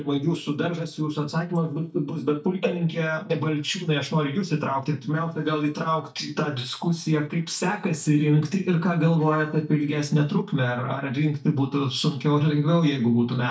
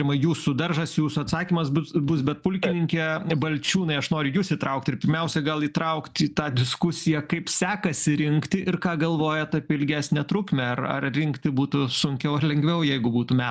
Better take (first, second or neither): second